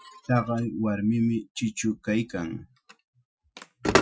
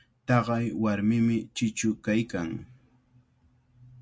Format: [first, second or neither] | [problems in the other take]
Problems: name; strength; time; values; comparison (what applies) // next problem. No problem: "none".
second | noise reduction (classical method Wiener filter)